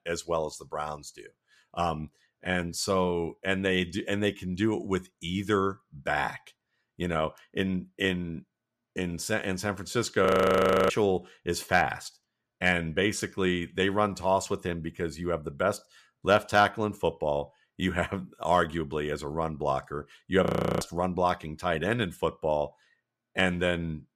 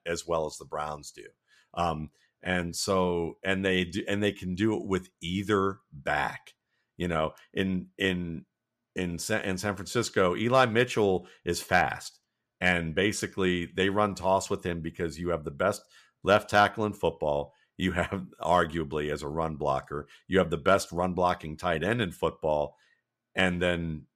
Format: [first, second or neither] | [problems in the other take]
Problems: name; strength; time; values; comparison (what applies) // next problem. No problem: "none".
second | audio freezing; at 10 s for 0.5 s and at 20 s